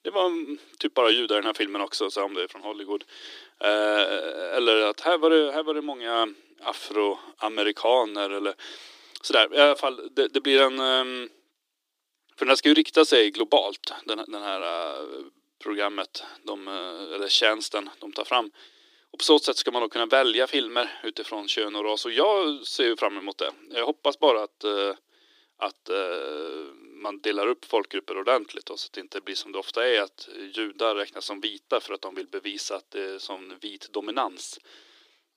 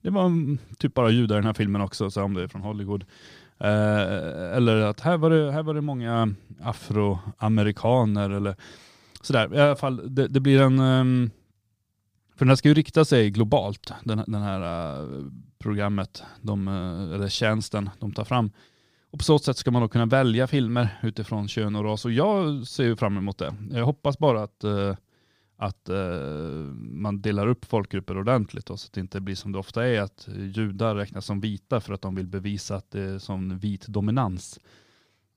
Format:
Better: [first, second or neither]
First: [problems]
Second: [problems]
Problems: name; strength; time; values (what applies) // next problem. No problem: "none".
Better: second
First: thin; very; fading below 300 Hz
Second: none